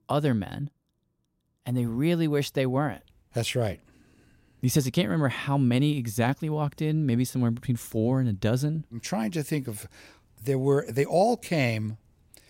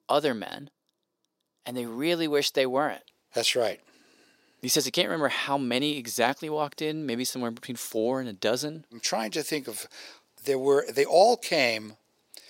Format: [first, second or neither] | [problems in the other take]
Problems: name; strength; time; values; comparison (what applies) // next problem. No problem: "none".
first | thin; somewhat; fading below 450 Hz